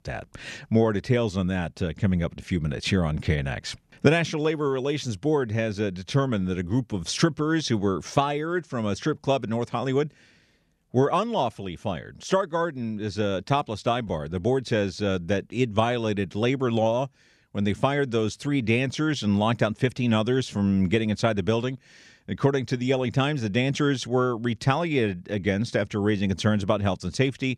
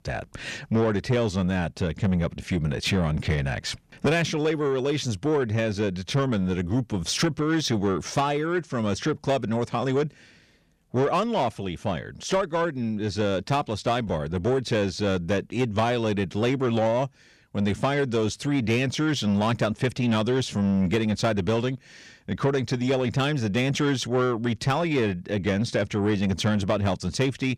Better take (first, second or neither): first